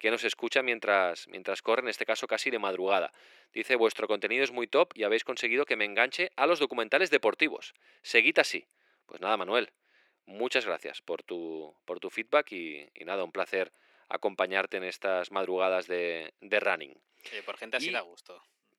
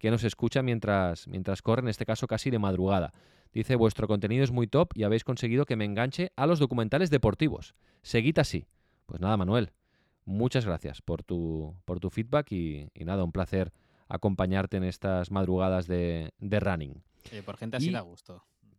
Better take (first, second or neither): second